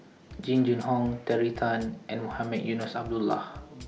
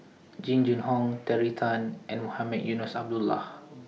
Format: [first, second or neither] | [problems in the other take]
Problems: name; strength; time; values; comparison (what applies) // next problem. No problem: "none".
second | background sound (Bass drum / Drum kit); 20 dB below the speech